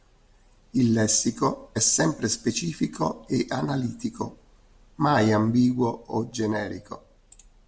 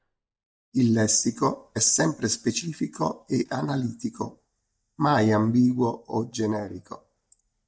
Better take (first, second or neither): first